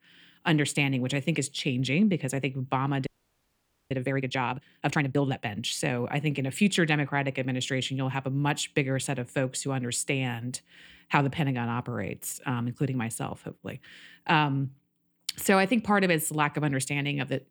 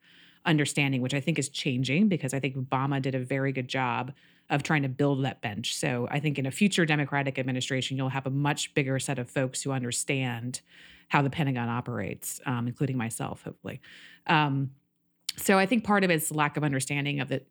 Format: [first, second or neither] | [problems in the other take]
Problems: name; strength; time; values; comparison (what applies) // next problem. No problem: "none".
second | audio freezing; at 3 s for 1 s